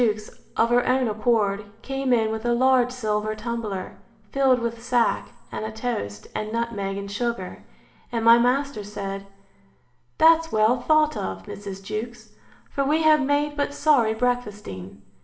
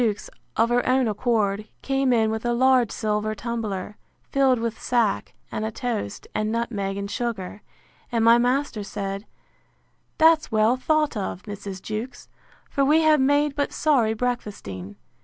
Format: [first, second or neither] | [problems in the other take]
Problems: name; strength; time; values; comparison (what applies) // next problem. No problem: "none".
second | room echo; dies away in 0.9 s